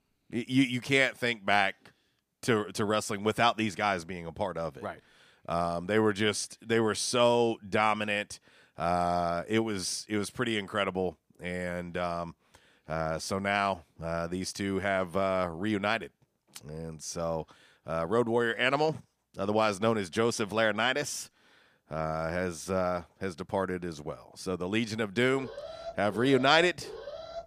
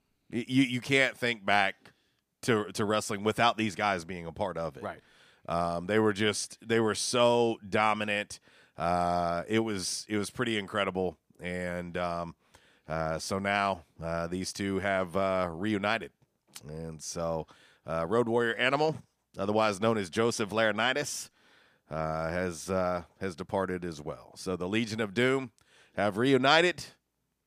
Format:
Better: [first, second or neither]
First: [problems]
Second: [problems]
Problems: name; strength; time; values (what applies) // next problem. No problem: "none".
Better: second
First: alarm; faint; from 25 s on; peak 10 dB below the speech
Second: none